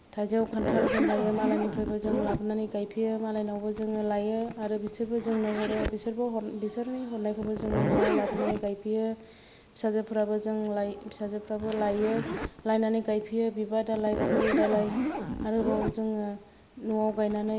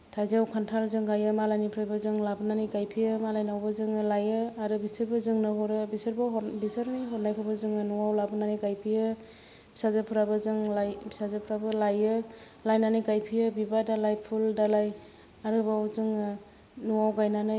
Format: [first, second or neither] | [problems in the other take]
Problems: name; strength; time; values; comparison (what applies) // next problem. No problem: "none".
second | background sound (Zipper (clothing)); 4 dB below the speech